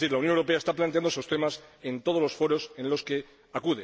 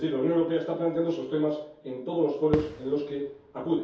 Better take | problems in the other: first | background sound (Fireworks); 15 dB below the speech // room echo; dies away in 0.6 s

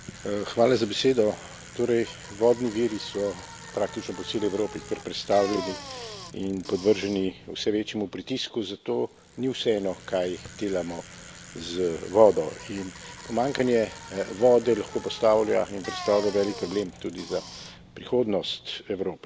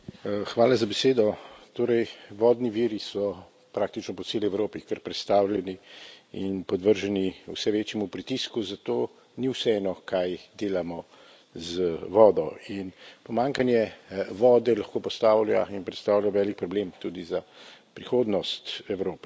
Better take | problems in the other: second | background sound (Bicycle); 16 dB below the speech

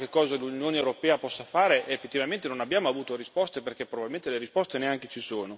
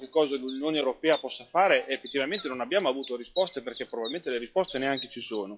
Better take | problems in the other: first | noise reduction (classical method log-MMSE)

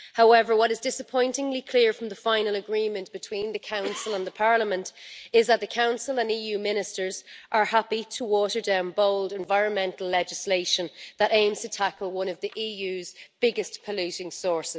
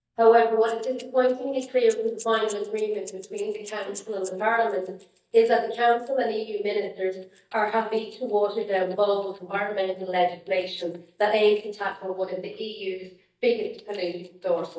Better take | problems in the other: first | noise reduction (neural mask model DeepFilterNet 3)

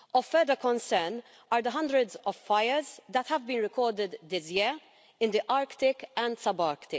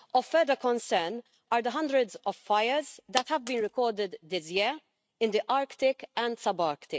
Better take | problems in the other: first | noise reduction (neural mask model RNNoise)

